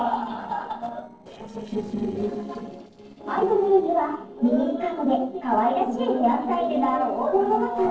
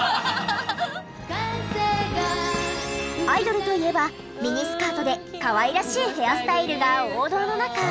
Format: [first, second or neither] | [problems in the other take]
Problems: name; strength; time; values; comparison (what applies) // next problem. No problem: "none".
second | noise reduction (neural separator model SepFormer DNS4)